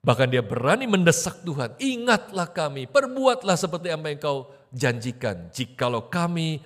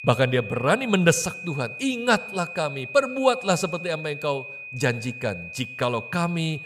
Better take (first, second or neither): first